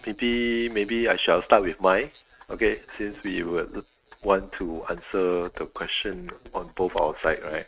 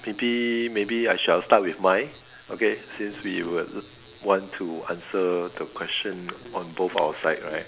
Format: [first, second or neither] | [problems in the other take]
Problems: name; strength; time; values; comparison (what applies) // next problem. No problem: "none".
second | noise reduction (neural mask model RNNoise)